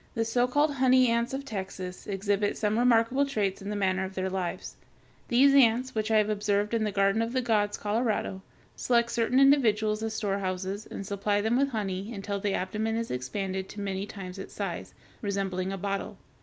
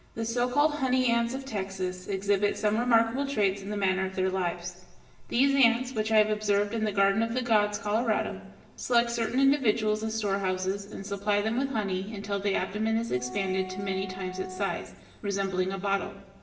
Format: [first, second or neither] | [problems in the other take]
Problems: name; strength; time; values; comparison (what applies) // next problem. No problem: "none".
first | background sound (Wind instrument, woodwind instrument); 14 dB below the speech // room echo; dies away in 1 s